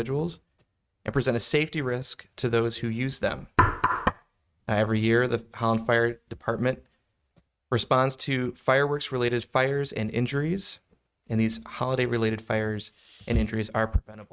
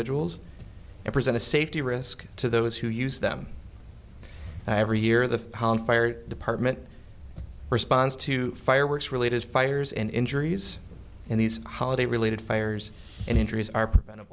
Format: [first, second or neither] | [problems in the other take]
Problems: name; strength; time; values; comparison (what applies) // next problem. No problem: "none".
second | noise reduction (neural mask model RNNoise)